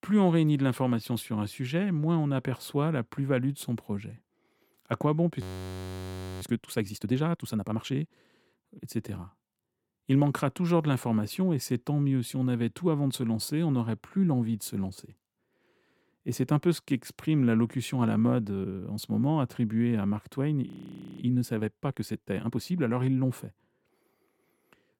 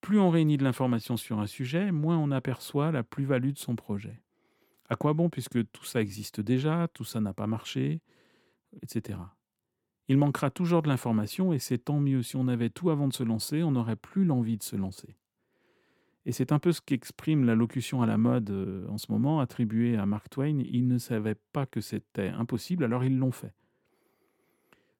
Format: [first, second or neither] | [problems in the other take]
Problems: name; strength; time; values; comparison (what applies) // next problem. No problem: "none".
second | audio freezing; at 5.5 s for 1 s and at 21 s for 0.5 s